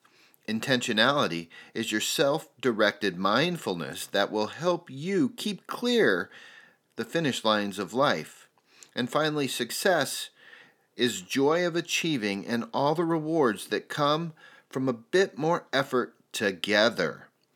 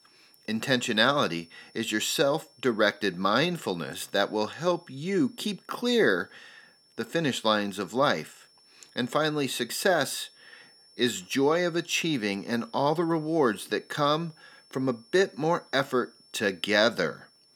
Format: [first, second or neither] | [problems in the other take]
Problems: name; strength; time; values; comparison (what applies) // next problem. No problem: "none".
first | high-pitched whine; faint; throughout; 5.5 kHz, 30 dB below the speech